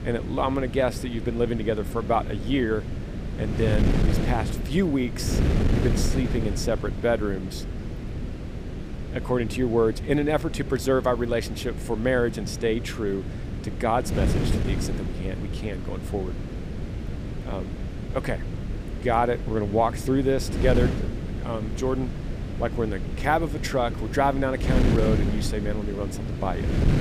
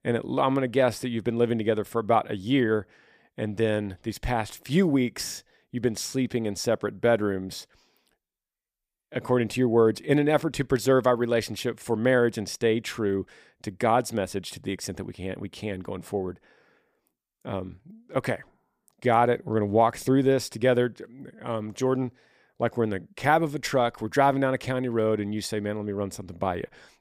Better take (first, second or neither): second